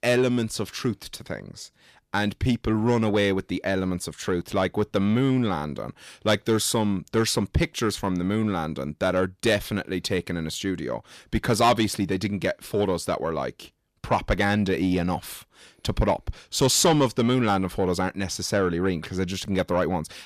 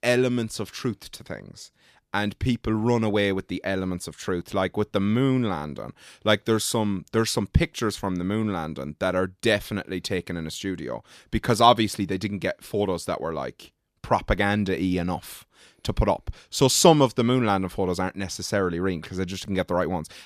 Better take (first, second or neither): second